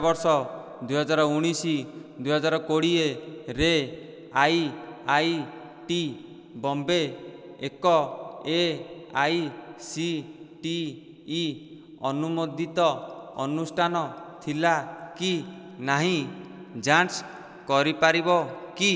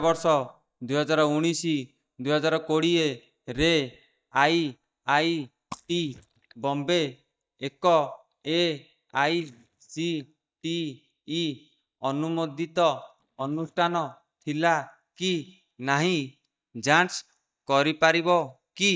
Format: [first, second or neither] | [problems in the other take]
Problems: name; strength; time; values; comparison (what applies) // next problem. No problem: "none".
first | noise reduction (neural mask model DeepFilterNet 3)